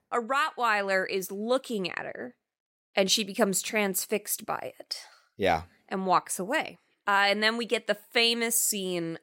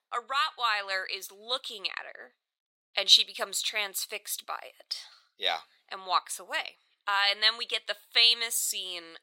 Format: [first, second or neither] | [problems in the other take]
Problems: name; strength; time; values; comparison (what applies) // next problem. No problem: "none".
first | thin; very; fading below 750 Hz